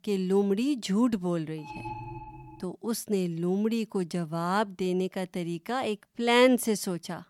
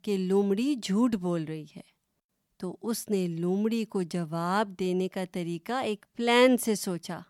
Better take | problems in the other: second | alarm; faint; from 1.5 to 2.5 s; peak 10 dB below the speech

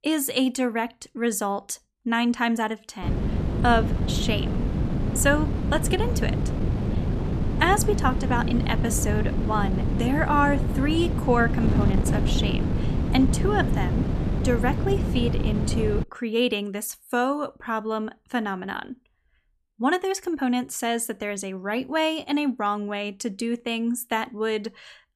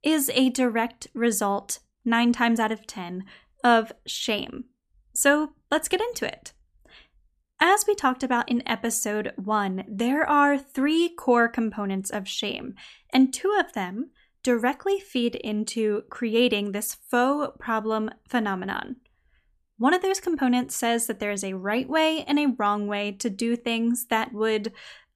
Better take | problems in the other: second | wind noise on the microphone; heavy; from 3 to 16 s; 7 dB below the speech

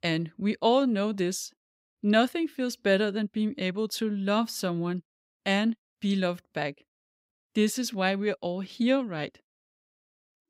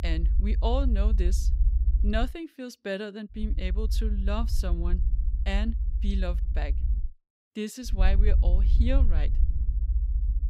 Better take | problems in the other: first | low rumble; noticeable; until 2.5 s, from 3.5 to 7 s and from 8 s on; 10 dB below the speech

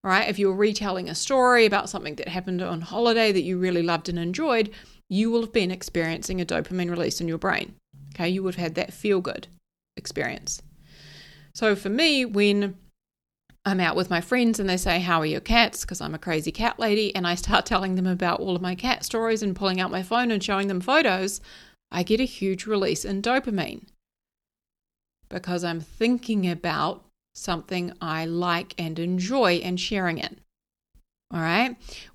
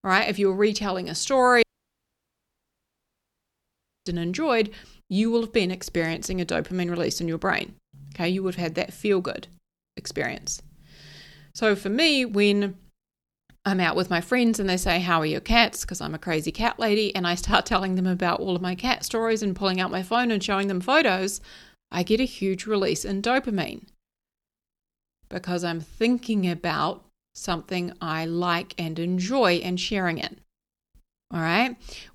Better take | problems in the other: first | audio cutting out; at 1.5 s for 2.5 s

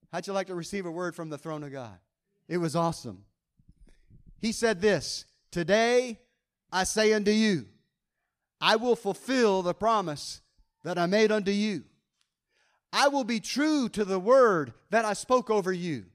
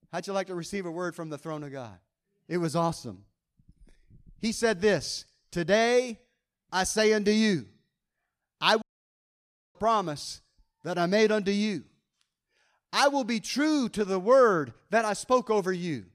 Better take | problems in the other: first | audio cutting out; at 9 s for 1 s

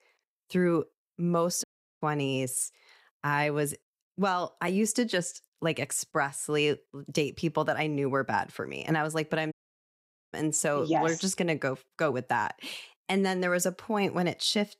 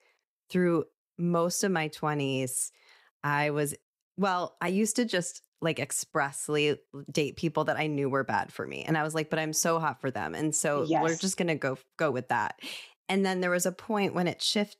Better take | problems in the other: second | audio cutting out; at 1.5 s and at 9.5 s for 1 s

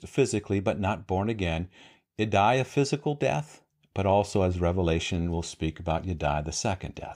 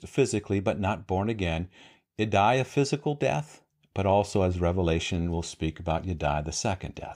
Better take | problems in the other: neither | none

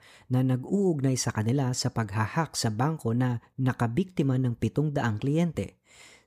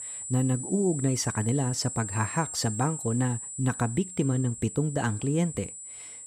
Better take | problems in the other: first | high-pitched whine; loud; throughout; 7.5 kHz, 7 dB below the speech

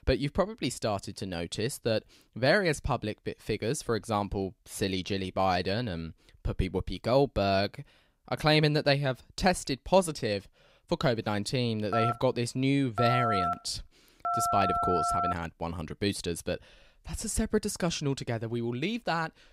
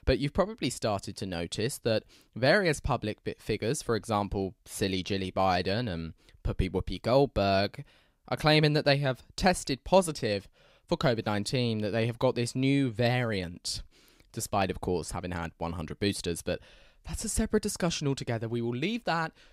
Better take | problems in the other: second | phone ringing; loud; from 12 to 15 s; peak 2 dB above the speech

